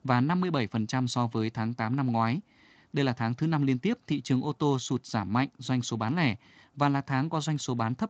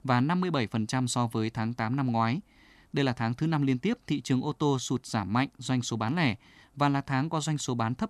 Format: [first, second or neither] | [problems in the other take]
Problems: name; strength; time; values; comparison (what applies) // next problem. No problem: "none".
second | garbled, watery; slightly; nothing above 7.5 kHz